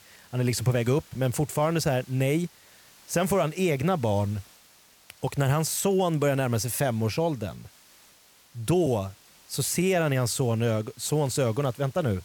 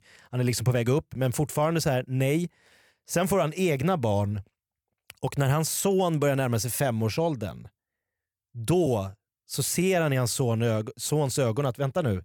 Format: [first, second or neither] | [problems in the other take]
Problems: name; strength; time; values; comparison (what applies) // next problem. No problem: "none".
second | hiss; faint; throughout; 25 dB below the speech